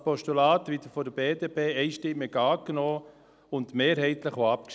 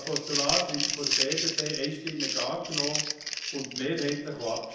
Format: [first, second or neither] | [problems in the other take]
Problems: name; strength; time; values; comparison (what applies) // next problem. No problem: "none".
first | background sound (Crumpling, crinkling); 1 dB above the speech // room echo; dies away in 0.8 s